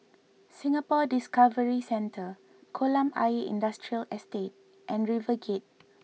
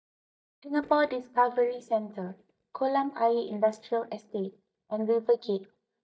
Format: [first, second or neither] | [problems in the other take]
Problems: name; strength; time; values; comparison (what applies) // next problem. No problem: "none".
first | noise reduction (neural mask model DeepFilterNet 3)